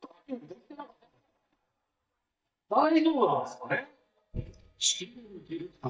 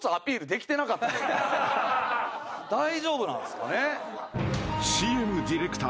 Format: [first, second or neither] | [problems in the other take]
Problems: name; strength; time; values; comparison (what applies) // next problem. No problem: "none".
second | noise reduction (neural mask model DeepFilterNet 3)